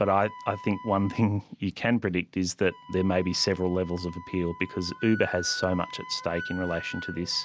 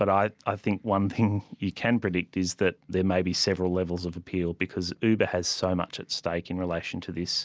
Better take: second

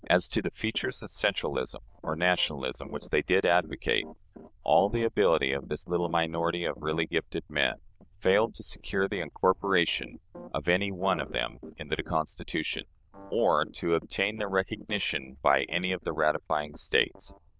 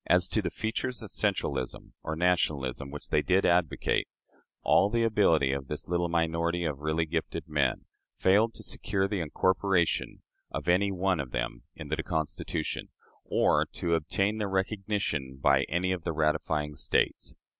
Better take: second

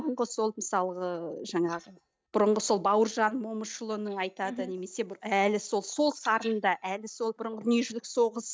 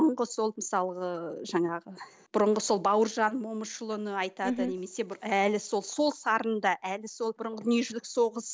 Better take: second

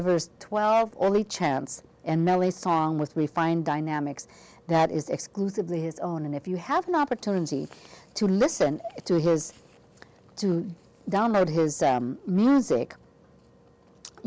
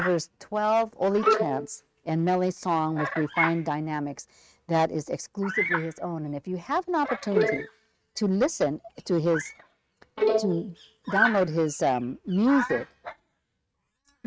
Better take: first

